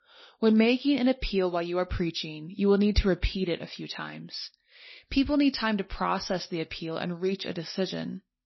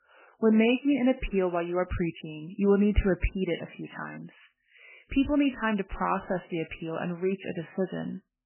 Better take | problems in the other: first | garbled, watery; badly; nothing above 3 kHz; slightly in the first

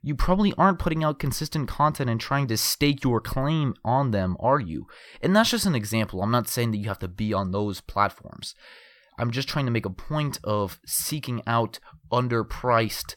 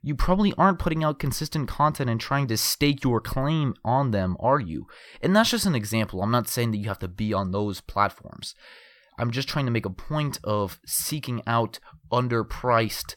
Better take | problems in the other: neither | none

